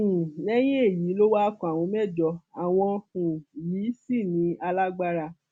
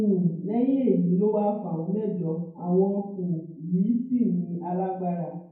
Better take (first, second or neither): first